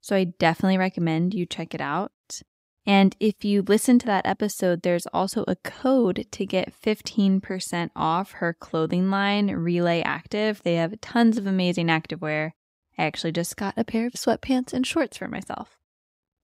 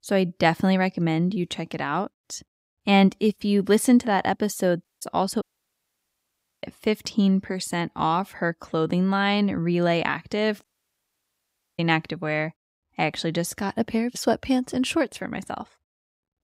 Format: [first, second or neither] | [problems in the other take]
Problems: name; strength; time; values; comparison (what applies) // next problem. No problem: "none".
first | audio cutting out; at 5 s, at 5.5 s for 1 s and at 11 s for 1 s